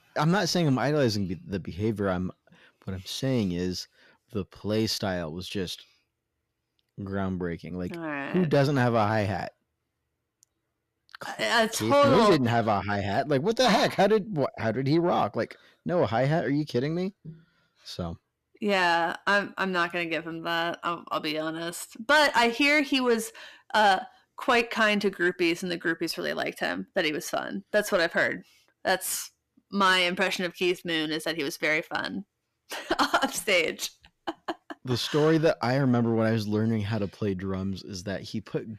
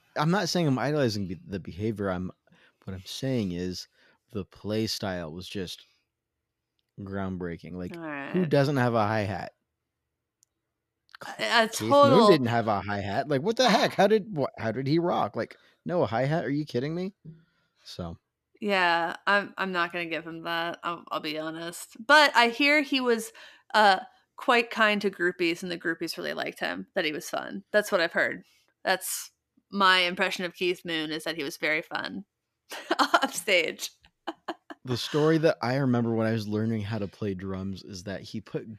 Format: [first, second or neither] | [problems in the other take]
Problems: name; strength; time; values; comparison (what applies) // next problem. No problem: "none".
second | distortion; slight; 10 dB below the speech